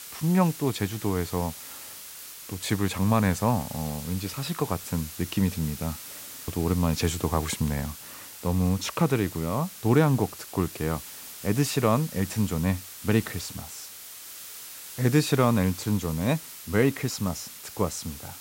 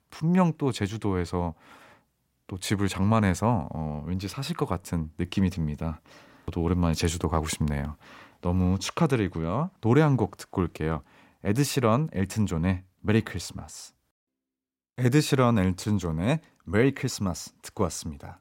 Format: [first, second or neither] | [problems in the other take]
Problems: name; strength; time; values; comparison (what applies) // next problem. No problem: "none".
second | hiss; noticeable; throughout; 10 dB below the speech